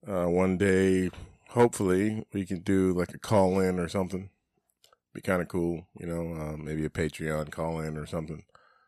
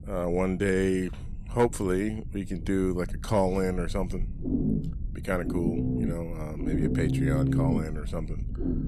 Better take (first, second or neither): first